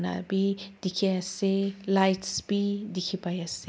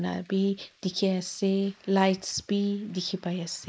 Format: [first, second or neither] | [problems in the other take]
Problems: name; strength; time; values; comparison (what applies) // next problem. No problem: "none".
first | noise reduction (neural mask model Resemble Enhance denoiser)